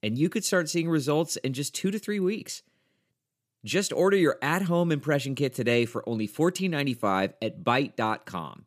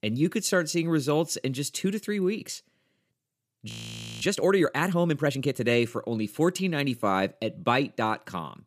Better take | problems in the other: first | audio freezing; at 3.5 s for 0.5 s

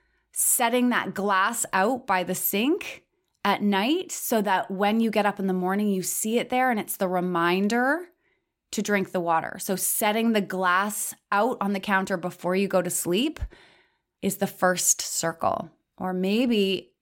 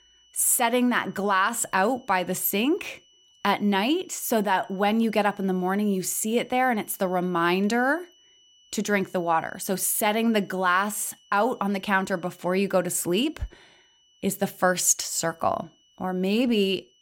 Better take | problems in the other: first | high-pitched whine; faint; throughout; 3 kHz, 30 dB below the speech

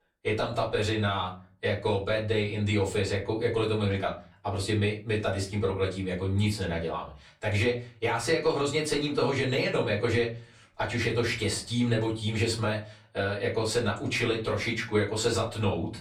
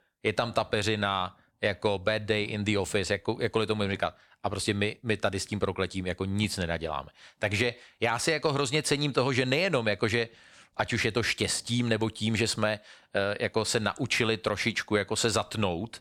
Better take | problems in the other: second | off-mic speech; far // room echo; slight; dies away in 0.4 s

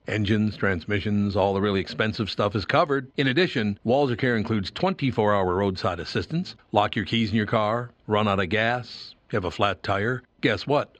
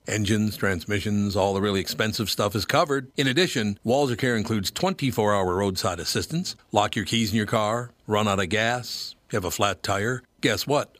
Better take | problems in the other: second | muffled; slightly; fading above 3.5 kHz

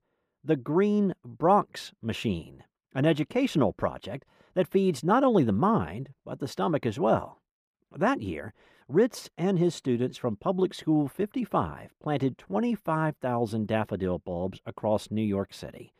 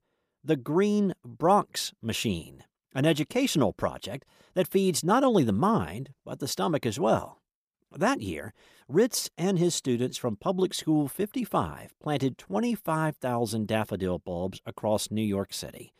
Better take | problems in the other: second | muffled; slightly; fading above 3.5 kHz

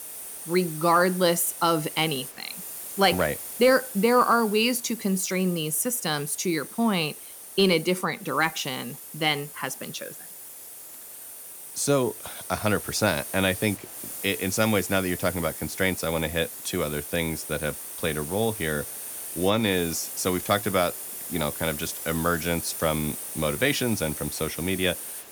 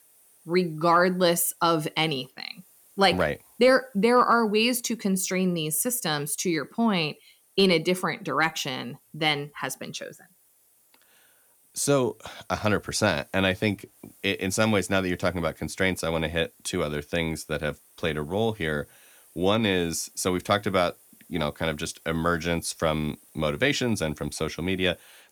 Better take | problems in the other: second | hiss; loud; throughout; 9 dB below the speech; faint in the second

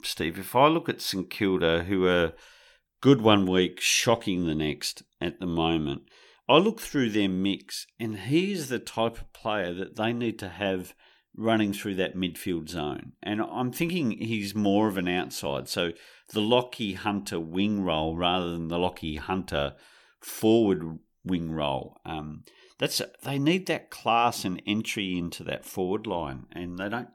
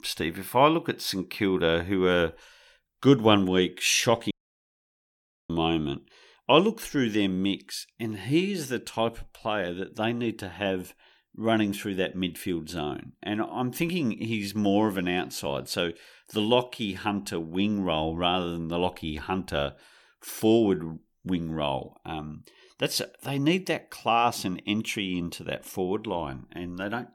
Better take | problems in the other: first | audio cutting out; at 4.5 s for 1 s

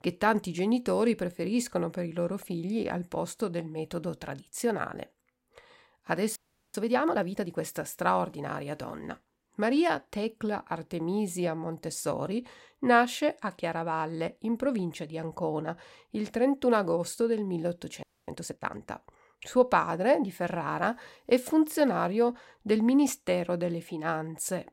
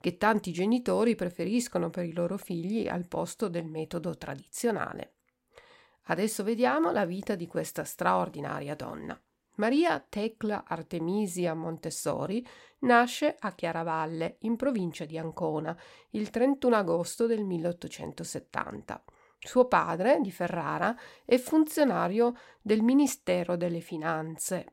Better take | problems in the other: second | audio freezing; at 6.5 s and at 18 s

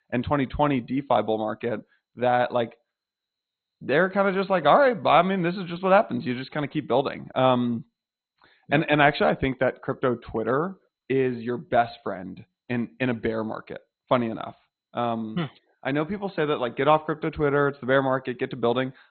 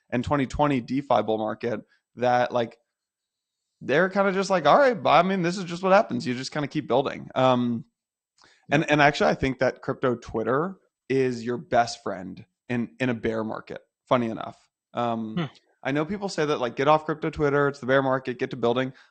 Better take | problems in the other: second | garbled, watery; badly; nothing above 4 kHz; slightly in the second

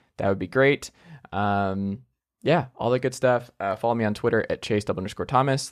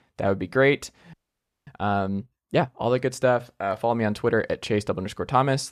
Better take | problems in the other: first | audio freezing; at 1 s for 0.5 s

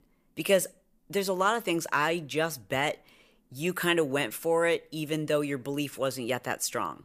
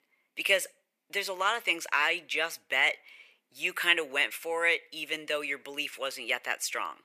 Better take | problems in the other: first | thin; somewhat; fading below 500 Hz

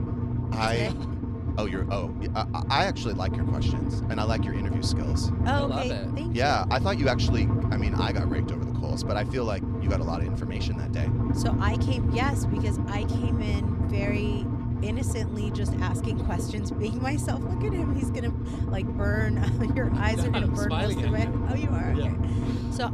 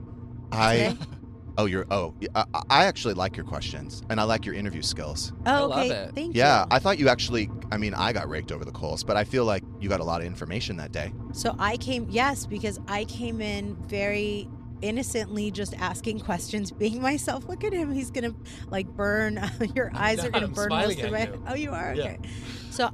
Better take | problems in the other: second | low rumble; loud; throughout; 4 dB below the speech; faint in the second

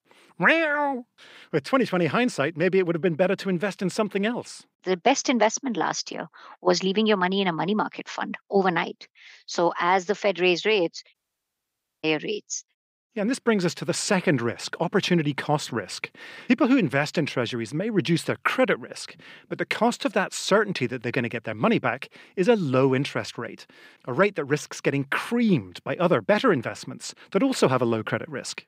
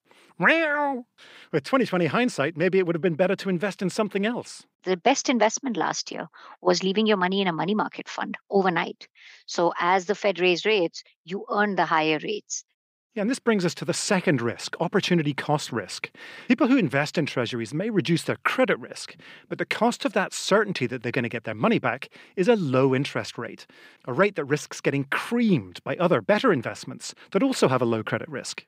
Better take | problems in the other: second | audio cutting out; at 11 s for 1 s

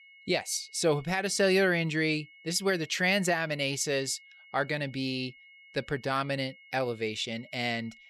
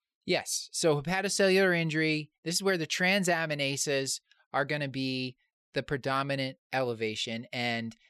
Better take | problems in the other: second | high-pitched whine; faint; throughout; 2 kHz, 25 dB below the speech

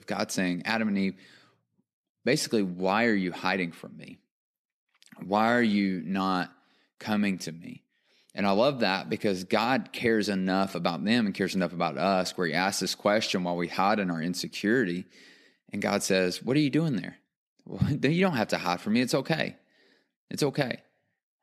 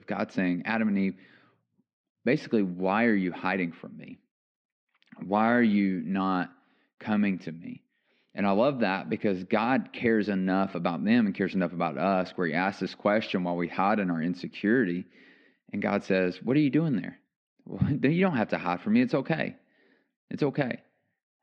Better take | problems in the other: first | muffled; slightly; fading above 3 kHz

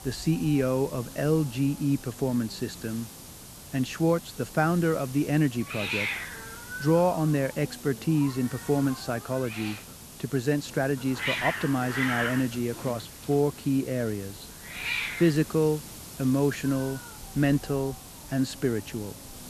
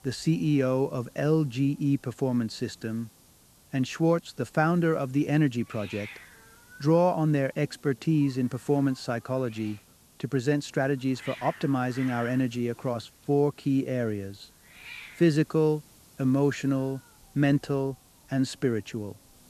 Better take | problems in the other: second | hiss; loud; throughout; 9 dB below the speech; faint in the second

